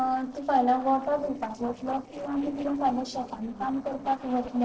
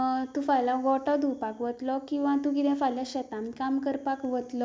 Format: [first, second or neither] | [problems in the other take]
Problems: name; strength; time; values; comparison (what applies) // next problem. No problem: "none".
second | noise reduction (neural separator model SepFormer DNS4)